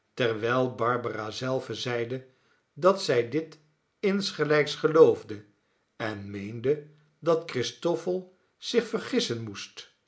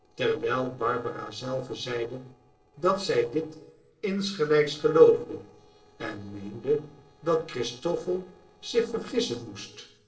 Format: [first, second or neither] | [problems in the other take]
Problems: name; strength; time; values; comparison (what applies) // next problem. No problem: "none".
first | noise reduction (neural separator model SepFormer DNS4)